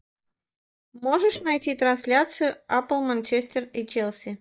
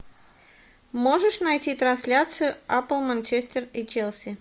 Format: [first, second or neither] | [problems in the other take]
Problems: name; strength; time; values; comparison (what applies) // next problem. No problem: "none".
second | noise reduction (neural mask model DeepFilterNet 3)